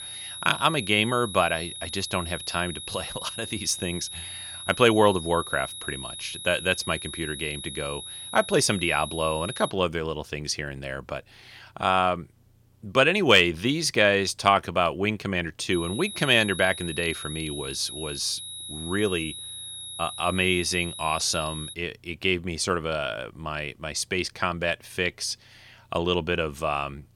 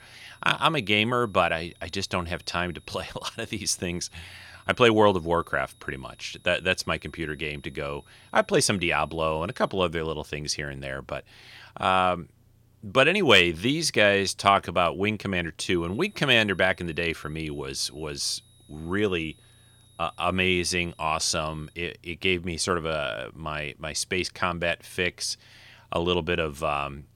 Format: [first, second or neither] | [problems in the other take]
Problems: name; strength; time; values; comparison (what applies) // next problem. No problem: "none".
second | high-pitched whine; loud; until 9.5 s and from 16 to 22 s; 4 kHz, 10 dB below the speech; faint in the second